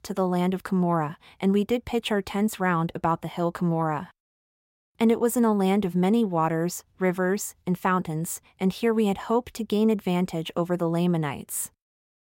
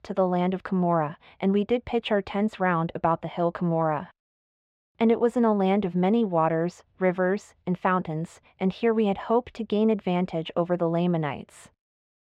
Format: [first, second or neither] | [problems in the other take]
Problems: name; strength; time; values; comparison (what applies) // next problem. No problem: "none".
first | muffled; very; fading above 3 kHz